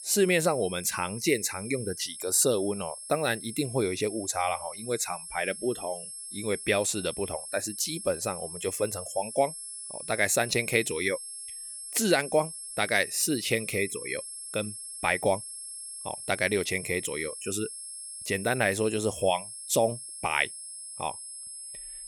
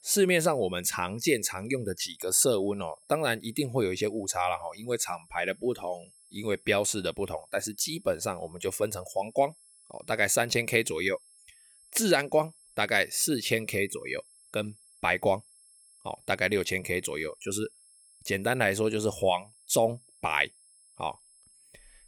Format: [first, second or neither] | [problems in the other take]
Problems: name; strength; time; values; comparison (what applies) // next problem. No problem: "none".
second | high-pitched whine; loud; throughout; 11 kHz, 9 dB below the speech; faint in the second